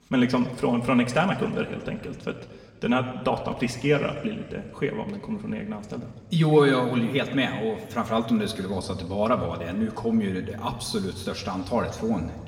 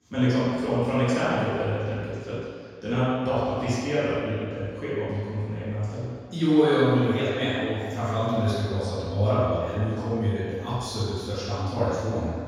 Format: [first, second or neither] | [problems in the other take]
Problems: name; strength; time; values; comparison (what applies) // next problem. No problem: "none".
first | room echo; strong; dies away in 1.9 s; slight in the first // off-mic speech; far; somewhat distant in the first